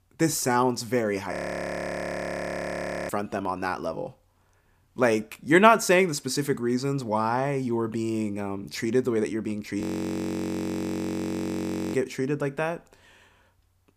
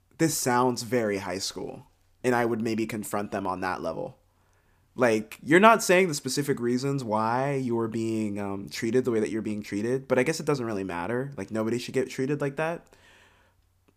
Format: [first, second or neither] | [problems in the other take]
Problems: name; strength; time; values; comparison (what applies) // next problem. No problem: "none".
second | audio freezing; at 1.5 s for 2 s and at 10 s for 2 s